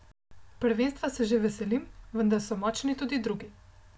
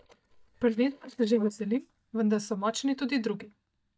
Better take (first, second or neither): first